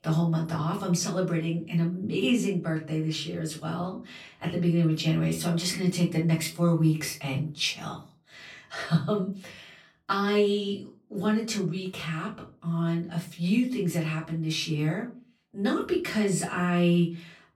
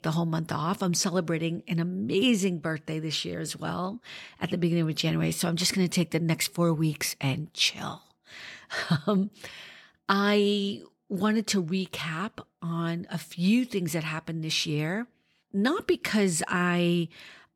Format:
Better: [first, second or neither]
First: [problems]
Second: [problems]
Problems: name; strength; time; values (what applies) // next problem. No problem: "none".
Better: second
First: off-mic speech; far // room echo; very slight; dies away in 0.3 s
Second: none